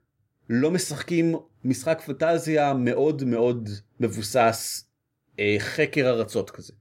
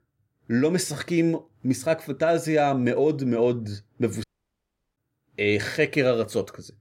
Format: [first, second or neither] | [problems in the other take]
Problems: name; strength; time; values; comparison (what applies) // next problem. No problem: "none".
first | audio cutting out; at 4 s for 0.5 s